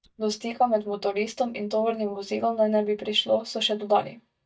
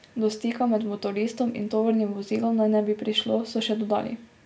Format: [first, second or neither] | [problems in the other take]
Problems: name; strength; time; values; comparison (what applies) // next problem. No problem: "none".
second | noise reduction (neural mask model DeepFilterNet 3)